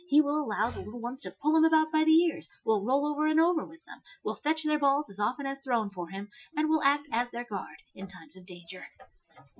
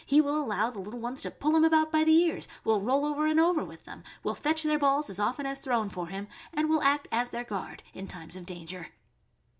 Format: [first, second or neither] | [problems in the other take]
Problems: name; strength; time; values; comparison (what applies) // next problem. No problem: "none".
second | noise reduction (classical method Wiener filter)